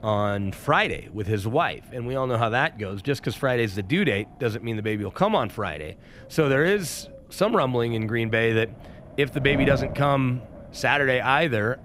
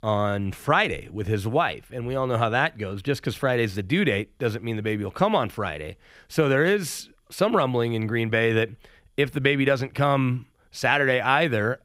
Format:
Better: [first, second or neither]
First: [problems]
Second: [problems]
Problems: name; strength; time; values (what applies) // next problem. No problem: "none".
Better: second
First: wind noise on the microphone; occasional gusts; 15 dB below the speech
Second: none